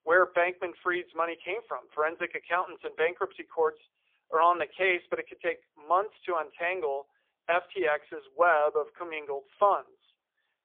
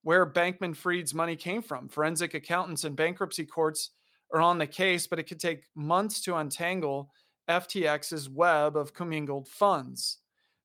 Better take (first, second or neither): second